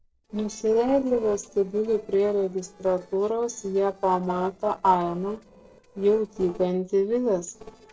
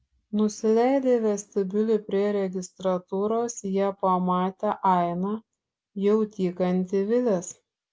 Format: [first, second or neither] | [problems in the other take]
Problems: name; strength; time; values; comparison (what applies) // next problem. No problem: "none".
second | noise reduction (neural separator model SepFormer DNS4)